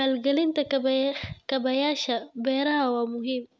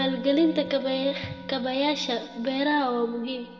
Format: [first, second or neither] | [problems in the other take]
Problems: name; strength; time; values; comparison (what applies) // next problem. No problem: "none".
first | background sound (Musical instrument); 14 dB below the speech // room echo; dies away in 1.2 s